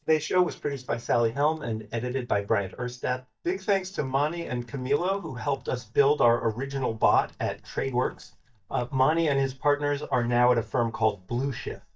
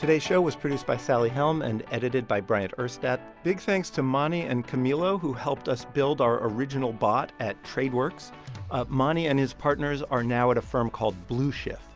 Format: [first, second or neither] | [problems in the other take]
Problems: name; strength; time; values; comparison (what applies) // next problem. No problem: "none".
second | noise reduction (neural mask model DeepFilterNet 3)